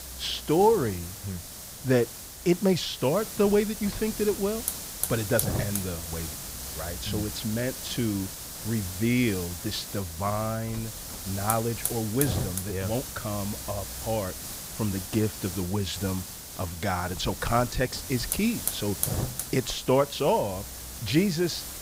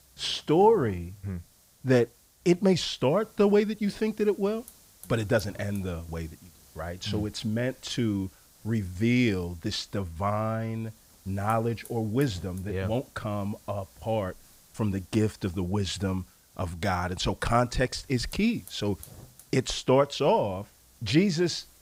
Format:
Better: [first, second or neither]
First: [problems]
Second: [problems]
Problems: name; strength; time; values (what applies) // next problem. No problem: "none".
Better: second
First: hiss; loud; throughout; 6 dB below the speech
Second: hiss; faint; throughout; 25 dB below the speech